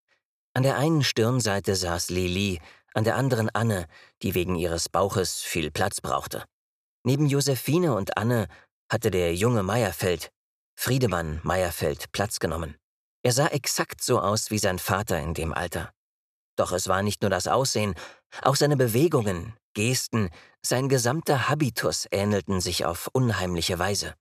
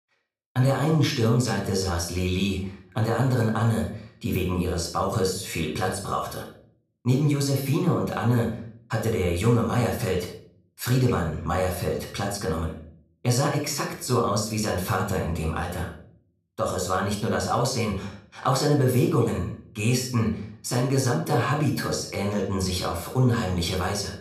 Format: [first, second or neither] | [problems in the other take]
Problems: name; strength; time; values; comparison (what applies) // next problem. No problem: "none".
first | off-mic speech; somewhat distant // room echo; noticeable; dies away in 0.4 s